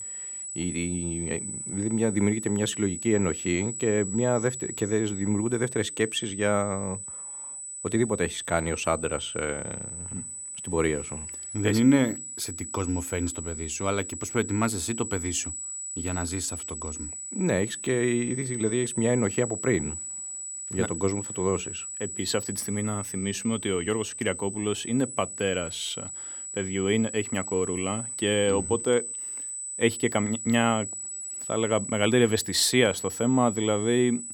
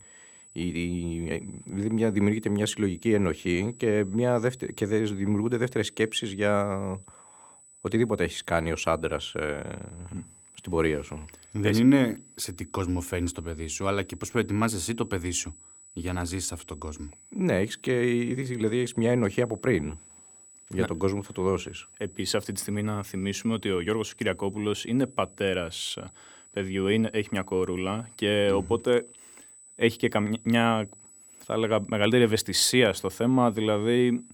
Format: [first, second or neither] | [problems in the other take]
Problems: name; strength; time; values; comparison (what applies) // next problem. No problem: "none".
second | high-pitched whine; loud; throughout; 8 kHz, 7 dB below the speech; faint in the second